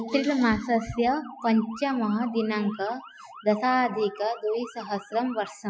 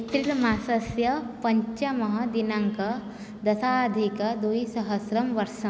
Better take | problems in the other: second | noise reduction (classical method Wiener filter)

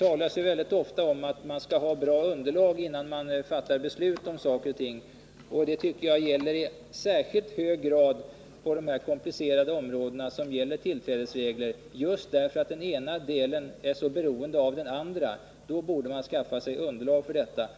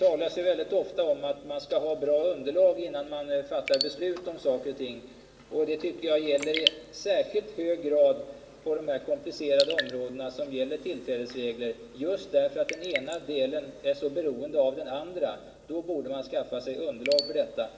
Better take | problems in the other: first | background sound (Raindrop / Drip); 12 dB below the speech // room echo; dies away in 2.9 s

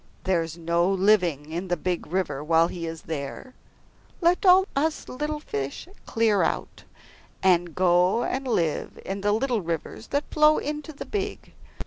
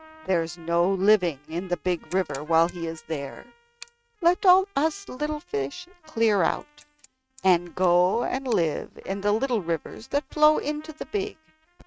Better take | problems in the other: first | noise reduction (neural mask model RNNoise)

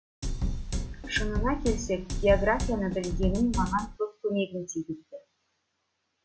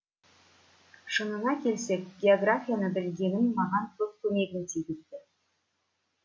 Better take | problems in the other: second | background sound (Drum kit); 1 dB below the speech

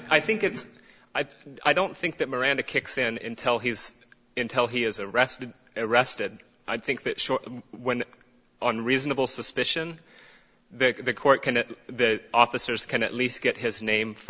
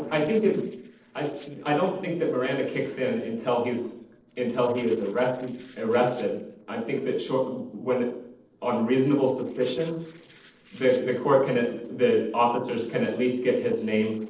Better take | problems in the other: first | noise reduction (neural separator model SepFormer DNS4)

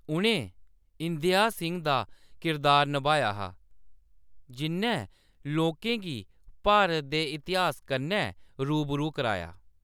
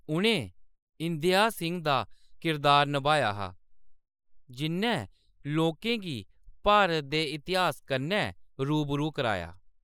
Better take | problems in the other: first | noise reduction (neural mask model Resemble Enhance denoiser)

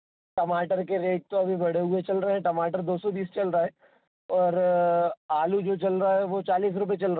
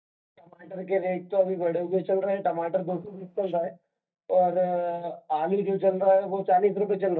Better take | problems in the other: first | noise reduction (neural mask model DeepFilterNet 3)

